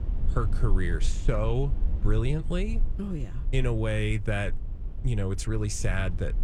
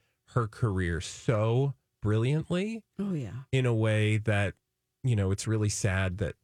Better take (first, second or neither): second